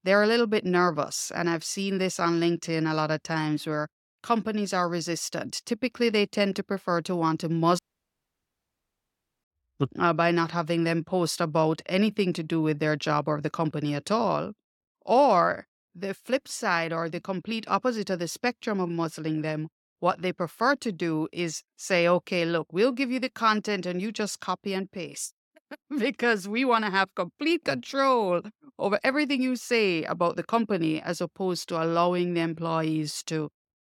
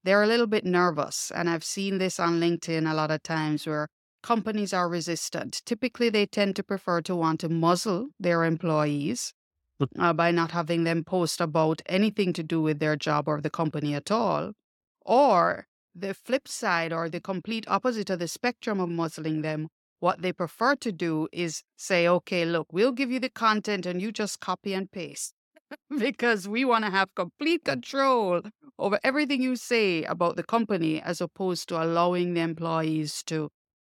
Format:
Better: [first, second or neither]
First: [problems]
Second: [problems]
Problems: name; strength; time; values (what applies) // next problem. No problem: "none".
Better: second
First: audio cutting out; at 8 s for 1.5 s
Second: none